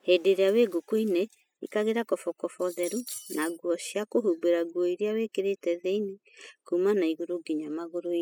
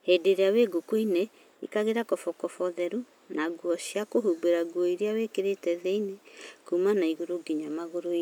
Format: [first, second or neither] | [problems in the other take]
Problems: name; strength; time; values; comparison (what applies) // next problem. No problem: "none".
second | noise reduction (classical method spectral subtraction)